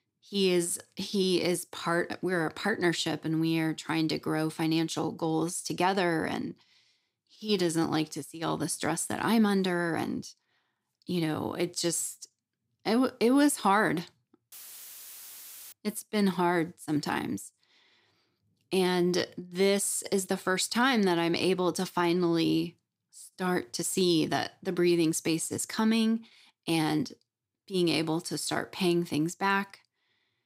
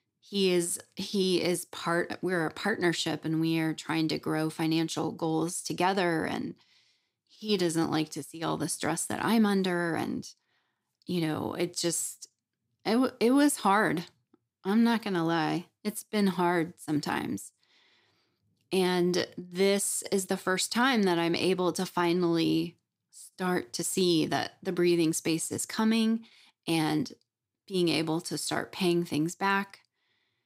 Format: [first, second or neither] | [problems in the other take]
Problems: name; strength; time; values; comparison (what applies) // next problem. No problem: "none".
second | audio cutting out; filled with static; at 15 s for 1 s